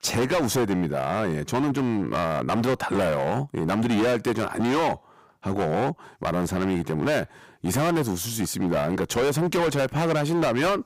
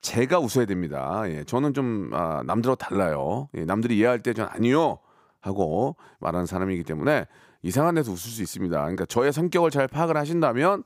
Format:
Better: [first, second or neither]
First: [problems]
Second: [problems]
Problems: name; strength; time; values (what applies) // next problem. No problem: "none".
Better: second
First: distortion; heavy; 22% of the sound clipped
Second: none